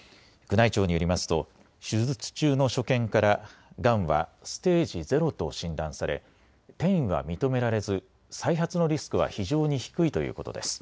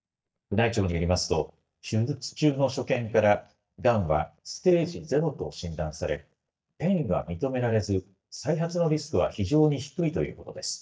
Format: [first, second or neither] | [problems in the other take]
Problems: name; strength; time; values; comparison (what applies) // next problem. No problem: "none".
first | noise reduction (neural mask model DeepFilterNet 3)